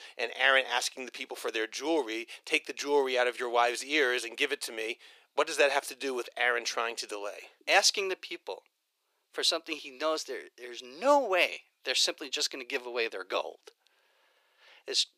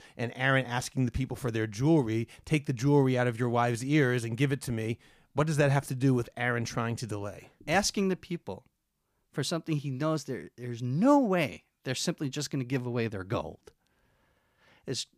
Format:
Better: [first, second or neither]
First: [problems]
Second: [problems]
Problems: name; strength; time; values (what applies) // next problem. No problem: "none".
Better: second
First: thin; very; fading below 400 Hz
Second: none